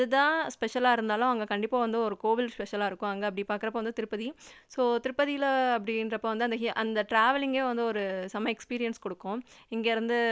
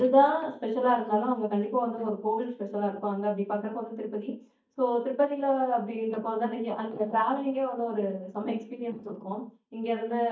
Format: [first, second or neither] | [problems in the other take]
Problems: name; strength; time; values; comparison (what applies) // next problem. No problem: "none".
first | noise reduction (neural mask model DeepFilterNet 3)